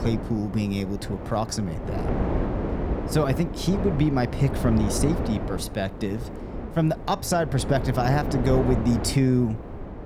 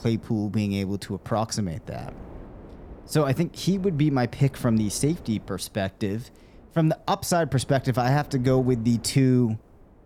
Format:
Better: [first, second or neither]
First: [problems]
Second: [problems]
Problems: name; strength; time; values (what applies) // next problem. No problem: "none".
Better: second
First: wind noise on the microphone; heavy; 6 dB below the speech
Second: wind noise on the microphone; occasional gusts; 25 dB below the speech